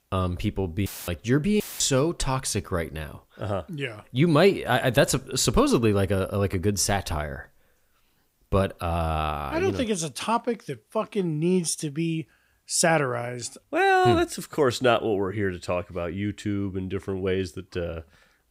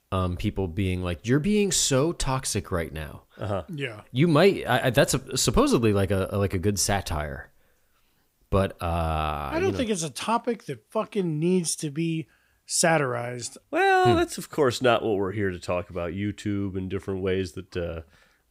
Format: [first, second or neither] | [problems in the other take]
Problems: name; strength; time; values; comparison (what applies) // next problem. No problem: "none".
second | audio cutting out; filled with static; at 1 s and at 1.5 s